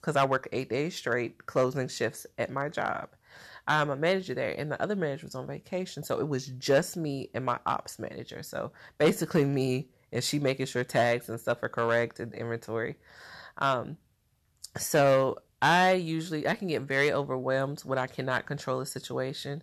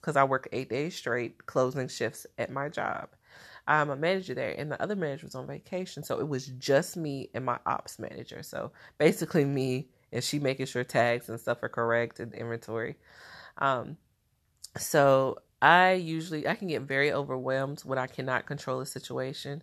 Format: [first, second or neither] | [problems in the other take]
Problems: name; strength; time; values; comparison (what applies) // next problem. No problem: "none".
second | distortion; slight; 1.2% of the sound clipped